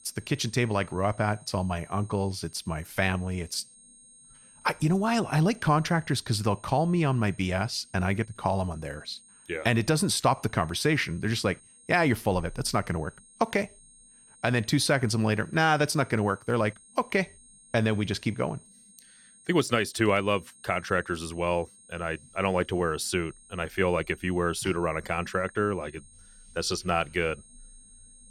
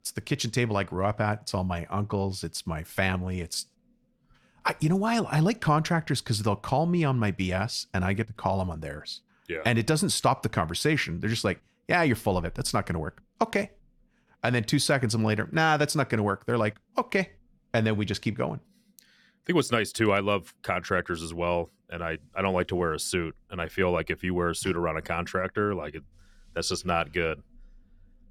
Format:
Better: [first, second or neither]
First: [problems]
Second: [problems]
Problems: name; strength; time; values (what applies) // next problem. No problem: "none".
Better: second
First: high-pitched whine; faint; throughout; 8.5 kHz, 25 dB below the speech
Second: none